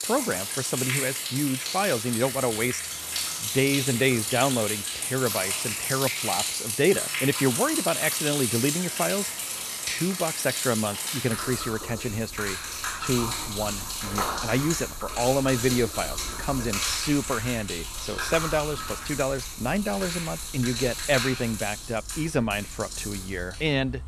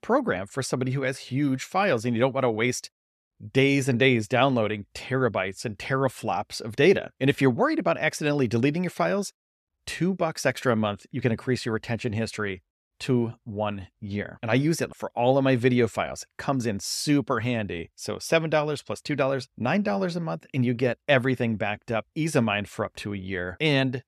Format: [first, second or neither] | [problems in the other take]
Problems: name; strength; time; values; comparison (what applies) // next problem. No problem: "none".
second | rain or running water; loud; throughout; 1 dB below the speech